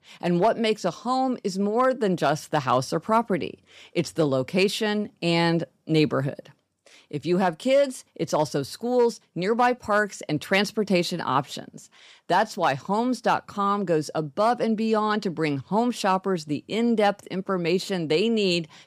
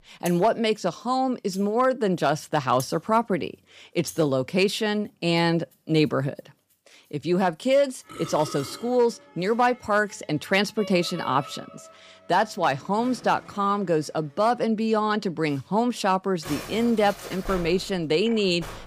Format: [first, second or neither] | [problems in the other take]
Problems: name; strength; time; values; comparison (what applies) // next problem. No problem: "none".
first | background music; noticeable; throughout; 15 dB below the speech